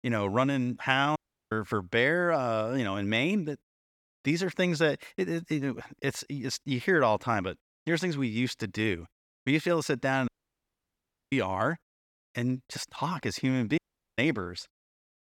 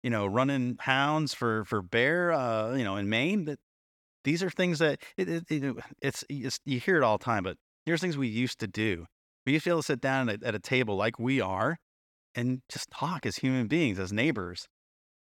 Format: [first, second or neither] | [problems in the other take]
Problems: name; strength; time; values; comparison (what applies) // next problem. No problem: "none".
second | audio cutting out; at 1 s, at 10 s for 1 s and at 14 s